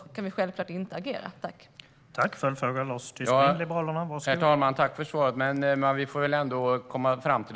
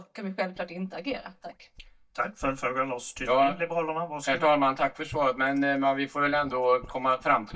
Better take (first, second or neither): first